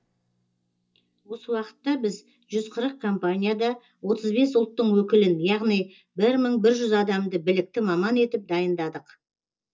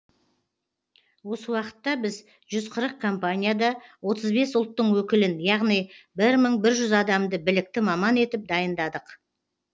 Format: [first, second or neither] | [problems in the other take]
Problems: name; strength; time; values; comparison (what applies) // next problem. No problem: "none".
second | noise reduction (neural mask model DeepFilterNet 3)